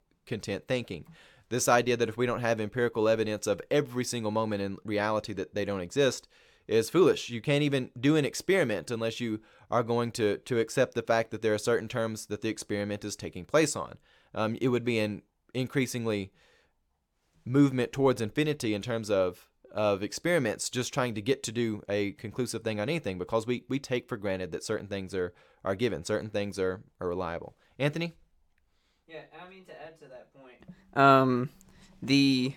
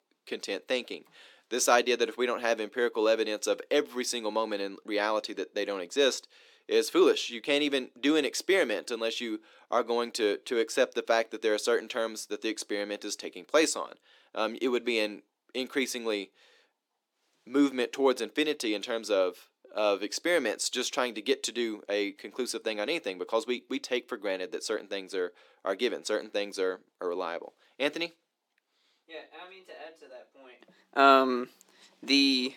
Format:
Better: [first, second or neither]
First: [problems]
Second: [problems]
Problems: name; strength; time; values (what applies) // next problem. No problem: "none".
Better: first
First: none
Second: thin; very slightly; fading below 250 Hz